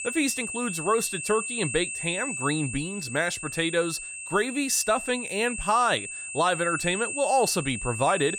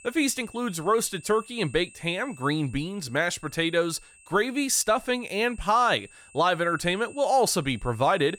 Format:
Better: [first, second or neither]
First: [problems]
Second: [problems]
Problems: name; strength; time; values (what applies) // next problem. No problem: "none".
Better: second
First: high-pitched whine; loud; throughout; 2.5 kHz, 6 dB below the speech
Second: high-pitched whine; faint; throughout; 2.5 kHz, 25 dB below the speech